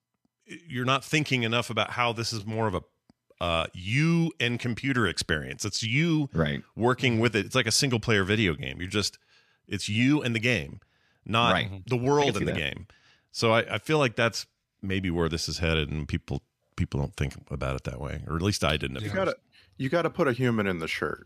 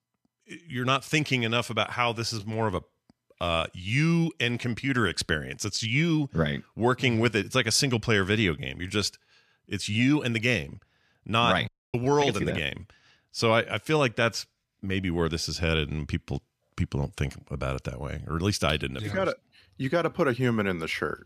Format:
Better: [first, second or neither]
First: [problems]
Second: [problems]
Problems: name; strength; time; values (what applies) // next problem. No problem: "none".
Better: first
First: none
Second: audio cutting out; at 12 s